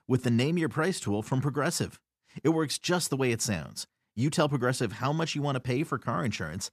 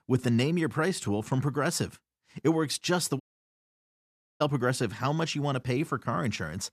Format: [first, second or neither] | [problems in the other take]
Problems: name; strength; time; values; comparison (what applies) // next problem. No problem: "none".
first | audio cutting out; at 3 s for 1 s